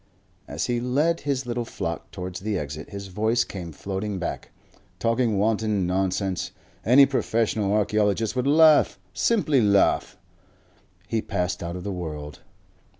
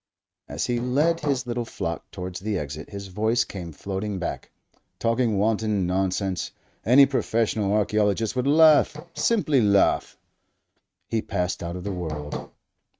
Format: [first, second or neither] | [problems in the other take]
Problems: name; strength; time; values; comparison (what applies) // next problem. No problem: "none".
first | noise reduction (neural mask model RNNoise)